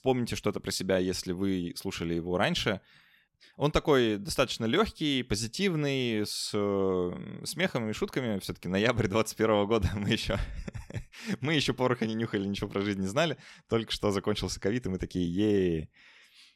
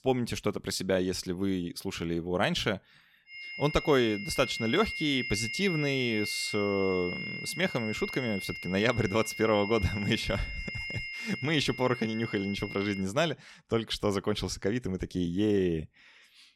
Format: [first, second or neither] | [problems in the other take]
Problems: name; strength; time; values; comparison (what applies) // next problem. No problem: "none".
first | high-pitched whine; loud; from 3.5 to 13 s; 2 kHz, 7 dB below the speech